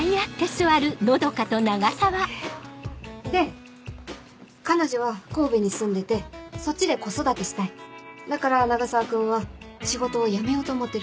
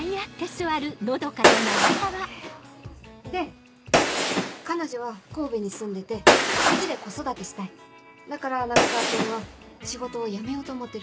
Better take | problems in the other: first | background sound (Gunshot, gunfire); 5 dB above the speech

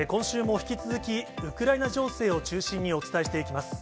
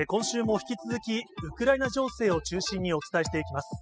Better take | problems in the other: first | noise reduction (classical method spectral subtraction)

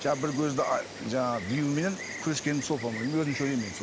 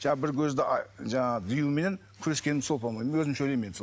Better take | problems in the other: second | background sound (Insect); 11 dB below the speech

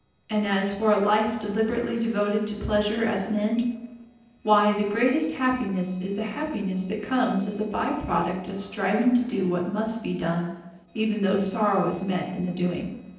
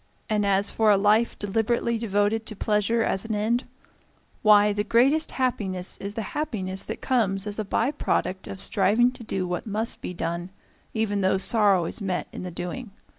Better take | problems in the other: second | noise reduction (neural separator model SepFormer DNS4)

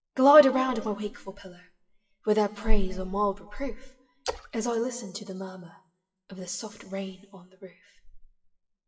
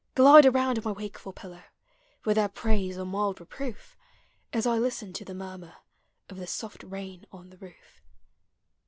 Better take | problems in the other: second | noise reduction (classical method WPE with log-MMSE)

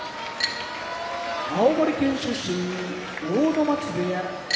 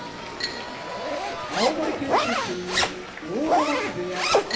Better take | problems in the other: first | background sound (Zipper (clothing)); 2 dB above the speech // room echo; dies away in 0.6 s

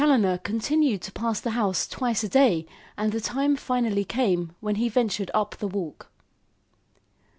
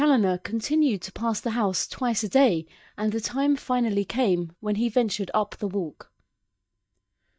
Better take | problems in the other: first | noise reduction (neural mask model DeepFilterNet 3)

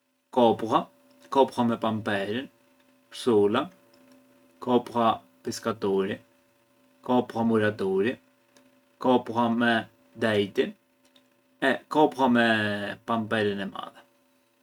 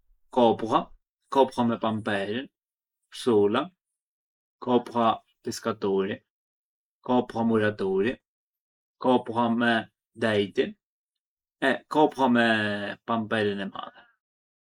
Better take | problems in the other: first | noise reduction (neural mask model Resemble Enhance denoiser)

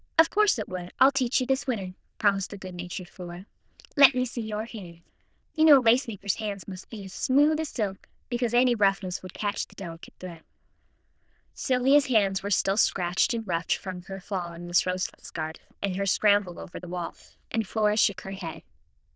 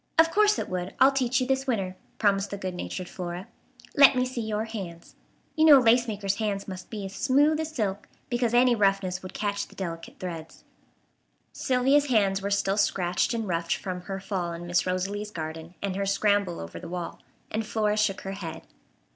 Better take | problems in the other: second | noise reduction (neural diffusion model UNIVERSE++)

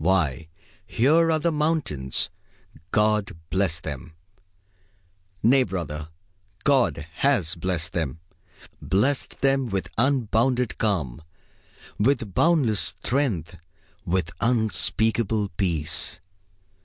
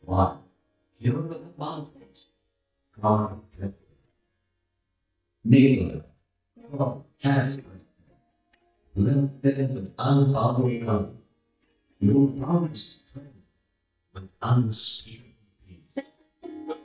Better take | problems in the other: first | noise reduction (neural mask model DeepFilterNet 3)

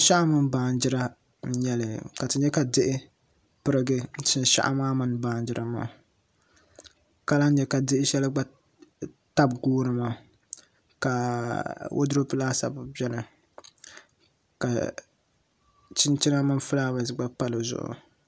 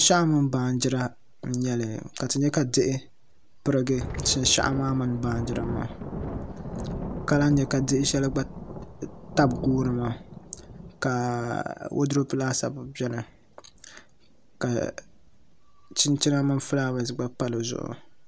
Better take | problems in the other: first | background sound (Thunder); 12 dB below the speech

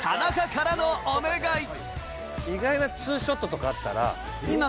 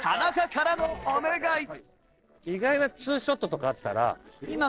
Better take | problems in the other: first | noise reduction (neural separator model SepFormer DNS4)

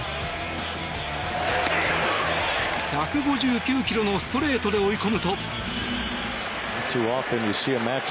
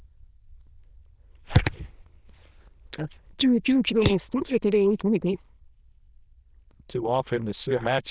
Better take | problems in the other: first | noise reduction (neural diffusion model UNIVERSE++)

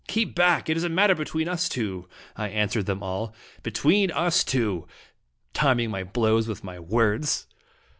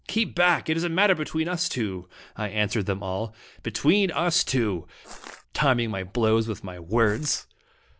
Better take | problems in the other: first | noise reduction (neural separator model SepFormer DNS4)

